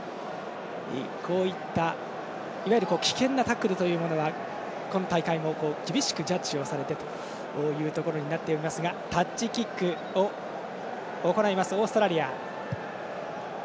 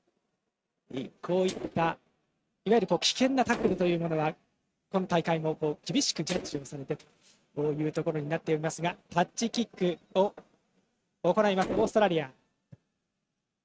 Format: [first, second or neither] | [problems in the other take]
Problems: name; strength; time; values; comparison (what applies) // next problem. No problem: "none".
first | noise reduction (neural mask model RNNoise)